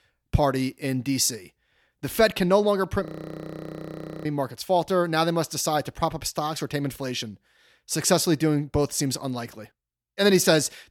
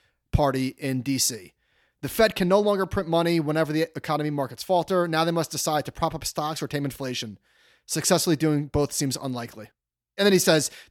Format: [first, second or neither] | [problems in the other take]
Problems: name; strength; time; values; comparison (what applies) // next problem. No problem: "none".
second | audio freezing; at 3 s for 1 s